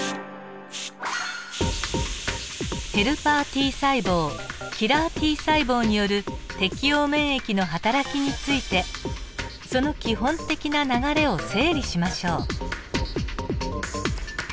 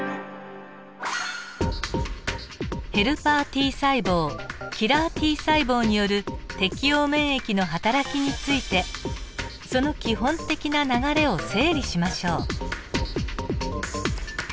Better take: second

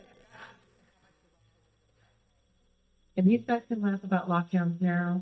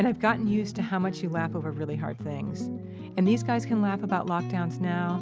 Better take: second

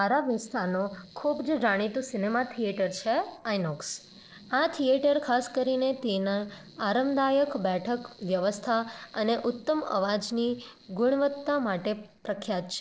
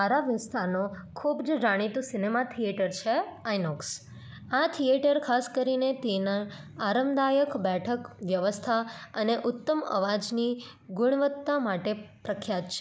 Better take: second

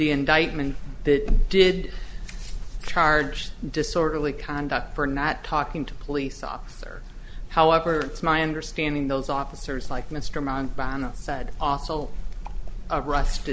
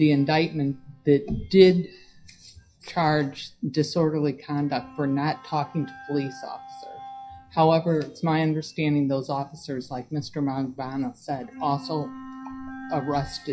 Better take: first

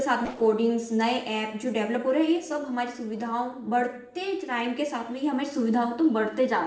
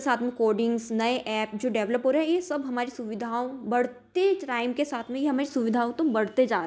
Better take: second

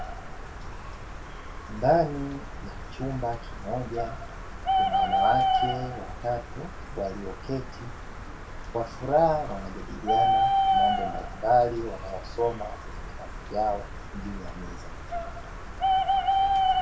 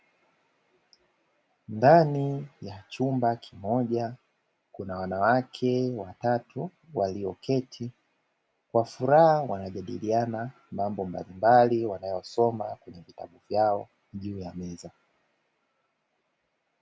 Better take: second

